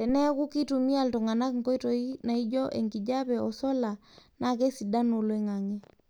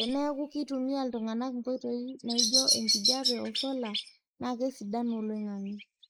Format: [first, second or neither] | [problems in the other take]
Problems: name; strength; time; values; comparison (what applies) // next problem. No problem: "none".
first | noise reduction (neural mask model Resemble Enhance denoiser)